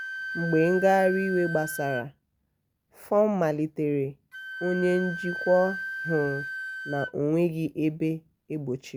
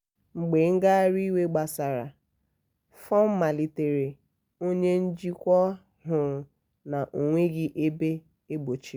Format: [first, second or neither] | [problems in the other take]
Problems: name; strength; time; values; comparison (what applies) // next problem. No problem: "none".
second | background sound (Wind instrument, woodwind instrument); 10 dB below the speech